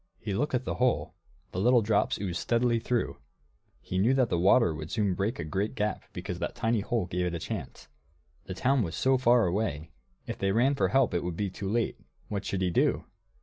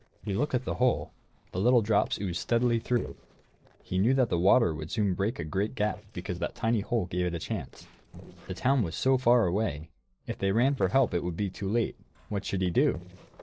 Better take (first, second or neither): first